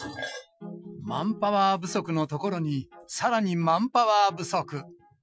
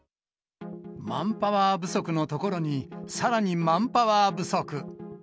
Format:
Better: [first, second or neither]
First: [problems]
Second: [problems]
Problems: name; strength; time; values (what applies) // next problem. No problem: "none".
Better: second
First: noise reduction (classical method Wiener filter)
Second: none